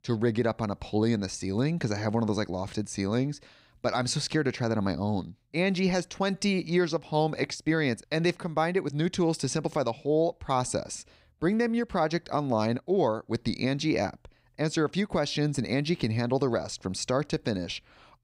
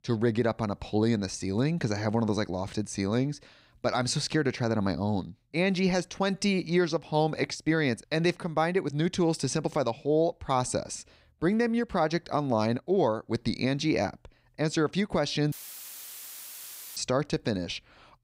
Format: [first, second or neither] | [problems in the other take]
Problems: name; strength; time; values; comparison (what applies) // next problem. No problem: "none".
first | audio cutting out; filled with static; at 16 s for 1.5 s